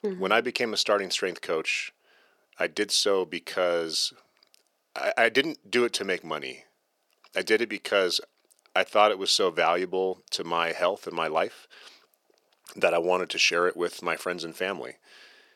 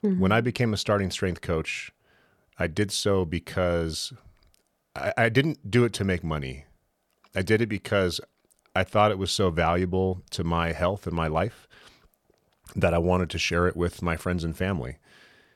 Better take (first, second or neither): second